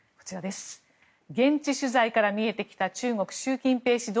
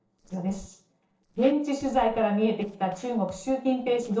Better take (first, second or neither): first